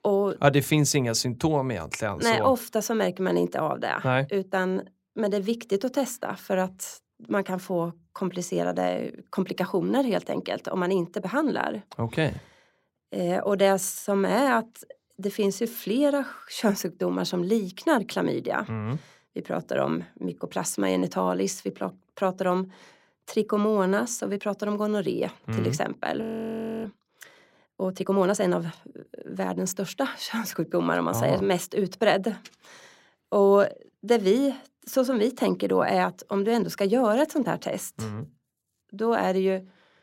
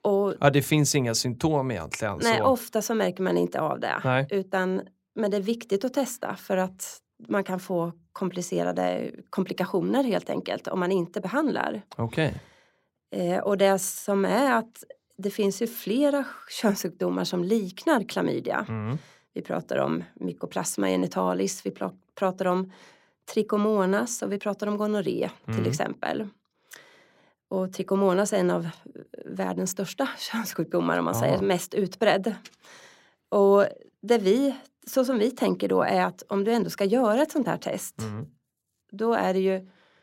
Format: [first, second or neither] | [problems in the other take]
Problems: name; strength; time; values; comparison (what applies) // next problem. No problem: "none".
second | audio freezing; at 26 s for 0.5 s